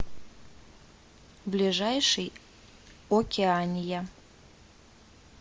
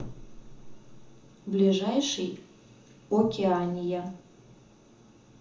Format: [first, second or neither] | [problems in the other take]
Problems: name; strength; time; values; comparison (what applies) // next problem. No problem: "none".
first | room echo; dies away in 0.6 s